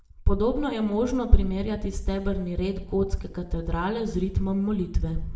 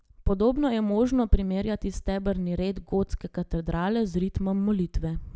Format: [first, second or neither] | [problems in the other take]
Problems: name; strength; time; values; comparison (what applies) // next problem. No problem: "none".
second | room echo; dies away in 0.7 s